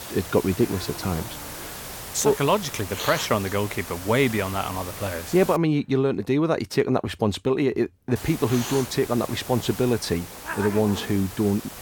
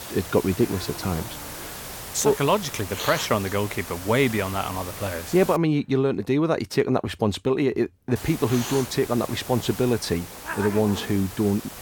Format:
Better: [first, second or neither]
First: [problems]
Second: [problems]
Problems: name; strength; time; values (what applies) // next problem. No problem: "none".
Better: neither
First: hiss; noticeable; until 5.5 s and from 8 s on; 10 dB below the speech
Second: hiss; noticeable; until 5.5 s and from 8 s on; 10 dB below the speech